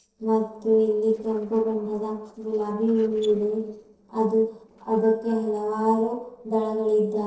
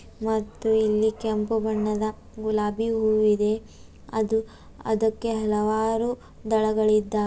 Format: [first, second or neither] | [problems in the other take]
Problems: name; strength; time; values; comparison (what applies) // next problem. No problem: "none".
second | noise reduction (neural separator model SepFormer DNS4)